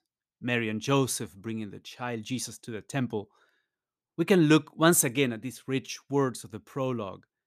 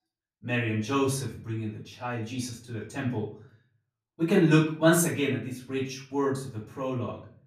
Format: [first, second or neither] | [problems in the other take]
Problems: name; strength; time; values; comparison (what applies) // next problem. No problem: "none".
first | off-mic speech; far // room echo; slight; dies away in 0.5 s